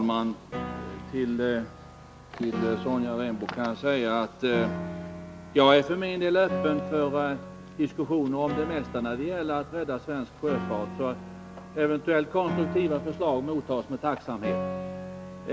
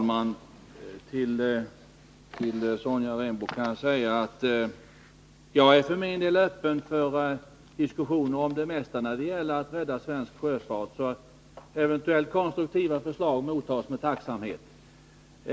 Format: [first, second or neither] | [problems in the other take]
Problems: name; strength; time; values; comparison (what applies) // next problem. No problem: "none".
second | background sound (Piano); 9 dB below the speech